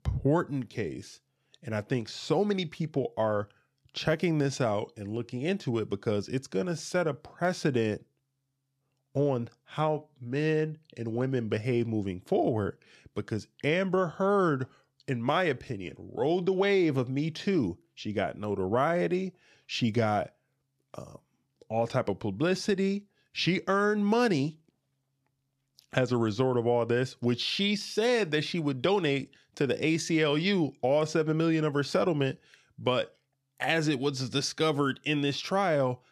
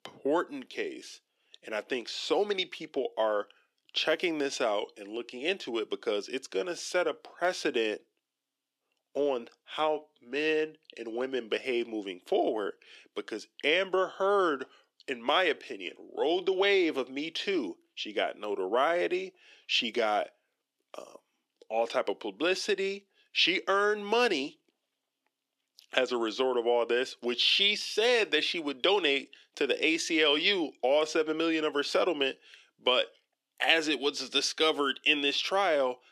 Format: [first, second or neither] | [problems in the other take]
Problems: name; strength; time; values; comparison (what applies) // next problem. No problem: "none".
first | thin; somewhat; fading below 300 Hz